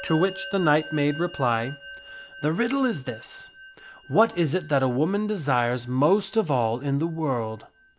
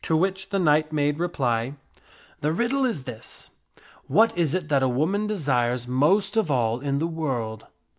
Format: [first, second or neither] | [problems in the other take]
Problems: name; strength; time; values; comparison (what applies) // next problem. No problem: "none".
second | background sound (Musical instrument); 18 dB below the speech